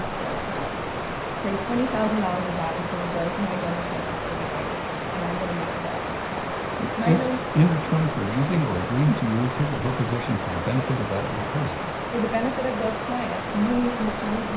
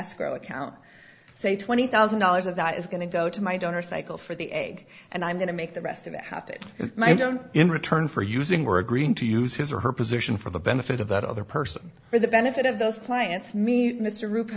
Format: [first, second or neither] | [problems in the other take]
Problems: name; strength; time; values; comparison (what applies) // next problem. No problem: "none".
second | background sound (Water); 3 dB below the speech // room echo; dies away in 0.5 s